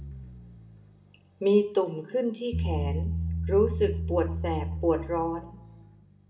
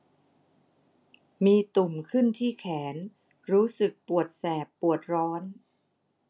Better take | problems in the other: second | background sound (Bass guitar); 4 dB below the speech // room echo; dies away in 0.6 s

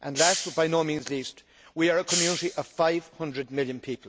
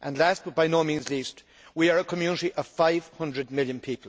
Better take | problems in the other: second | background sound (Hiss); 6 dB below the speech

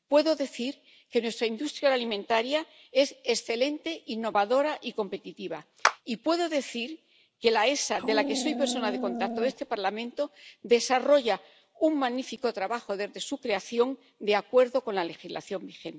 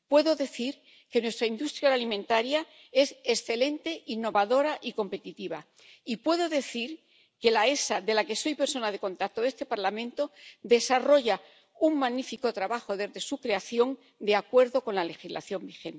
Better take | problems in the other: second | background sound (Clapping + Dog); 5 dB below the speech

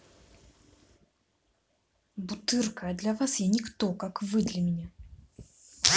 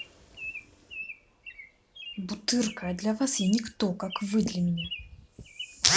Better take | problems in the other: first | background sound (Bird vocalization, bird call, bird song); 14 dB below the speech

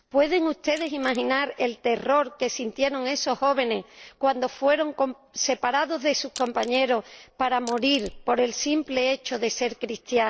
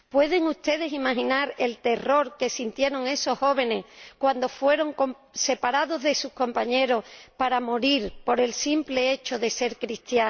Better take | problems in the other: second | noise reduction (neural separator model SepFormer DNS4)

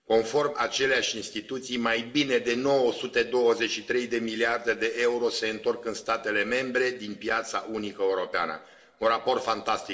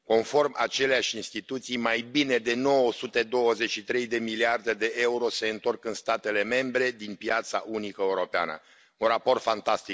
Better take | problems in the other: second | room echo; dies away in 2.2 s

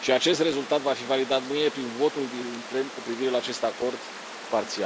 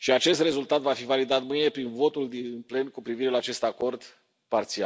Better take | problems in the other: second | background sound (Water); 12 dB below the speech

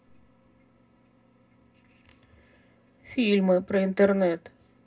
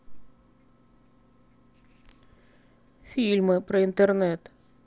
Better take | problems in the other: second | room echo; dies away in 0.2 s

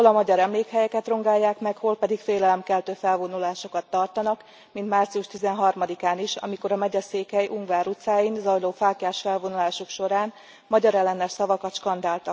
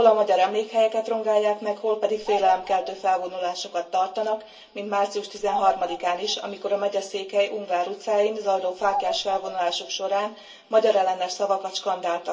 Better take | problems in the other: first | background sound (Bird vocalization, bird call, bird song); 12 dB below the speech // room echo; dies away in 0.2 s

